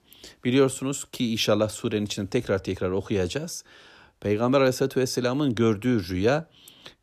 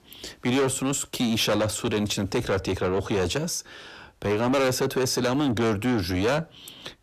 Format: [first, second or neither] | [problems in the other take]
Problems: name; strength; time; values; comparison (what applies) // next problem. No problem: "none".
first | distortion; heavy; 7 dB below the speech